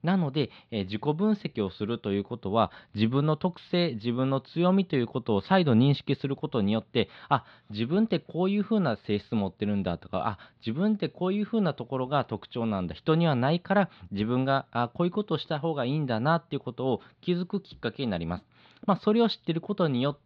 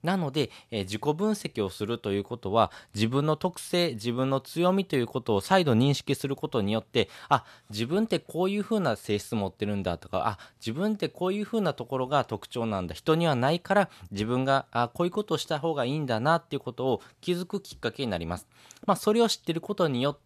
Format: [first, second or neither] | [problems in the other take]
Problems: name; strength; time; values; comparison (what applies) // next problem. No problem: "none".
second | muffled; very slightly; fading above 4 kHz